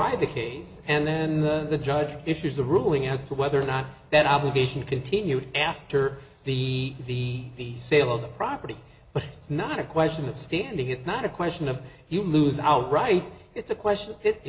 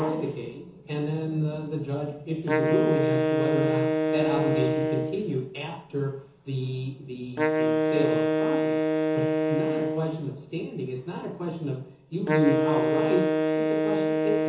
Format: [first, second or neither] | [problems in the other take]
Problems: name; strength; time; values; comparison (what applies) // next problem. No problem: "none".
first | background sound (Wind instrument, woodwind instrument); 3 dB above the speech // room echo; dies away in 0.9 s